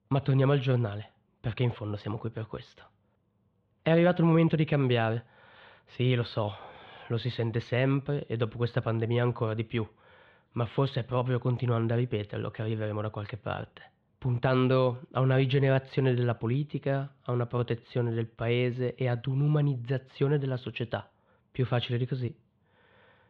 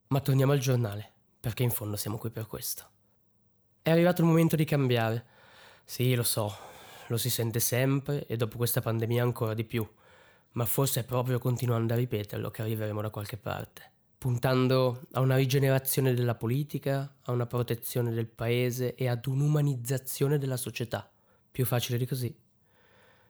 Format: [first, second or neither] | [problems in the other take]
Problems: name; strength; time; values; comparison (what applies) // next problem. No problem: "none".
second | muffled; very; fading above 3.5 kHz